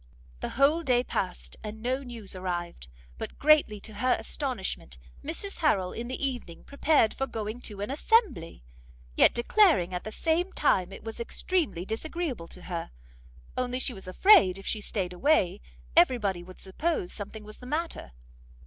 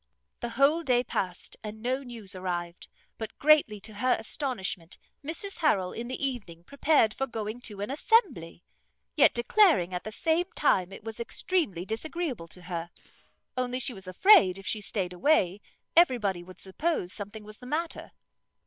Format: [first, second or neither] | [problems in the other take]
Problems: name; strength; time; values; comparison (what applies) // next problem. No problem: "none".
first | noise reduction (neural separator model SepFormer WHAM!)